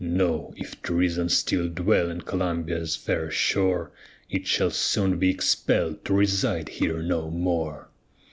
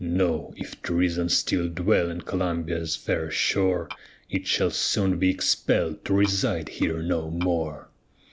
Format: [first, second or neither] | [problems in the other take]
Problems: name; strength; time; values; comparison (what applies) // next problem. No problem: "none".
first | background sound (Tap / Glass); 16 dB below the speech